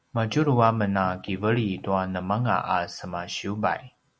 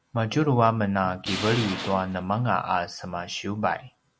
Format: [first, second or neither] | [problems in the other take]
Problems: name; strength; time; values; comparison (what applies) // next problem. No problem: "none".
first | background sound (Tools); 9 dB below the speech